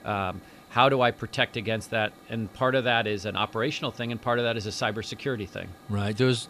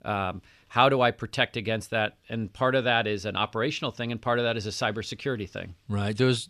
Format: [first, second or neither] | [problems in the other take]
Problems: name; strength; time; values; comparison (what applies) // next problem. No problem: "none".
second | hiss; faint; throughout; 25 dB below the speech